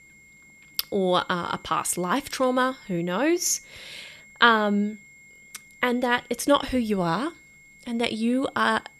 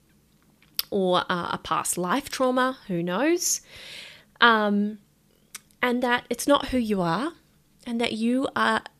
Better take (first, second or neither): second